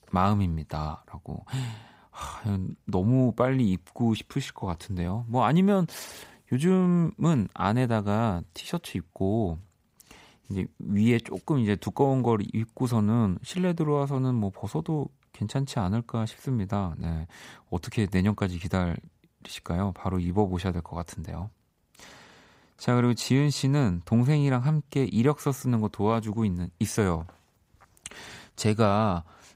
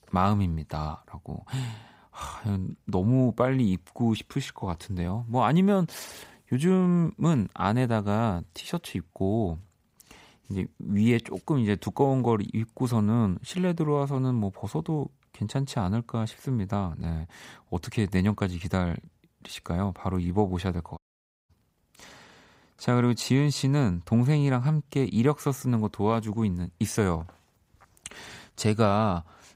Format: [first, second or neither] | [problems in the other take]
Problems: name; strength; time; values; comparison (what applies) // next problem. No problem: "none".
first | audio cutting out; at 21 s for 0.5 s